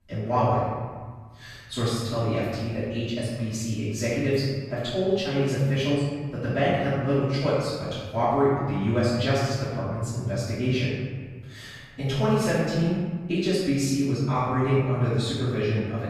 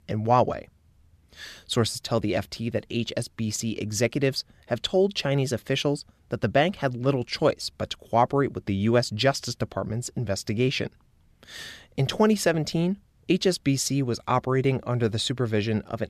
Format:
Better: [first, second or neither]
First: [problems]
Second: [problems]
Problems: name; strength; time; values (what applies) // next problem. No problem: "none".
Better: second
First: off-mic speech; far // room echo; strong; dies away in 1.6 s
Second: none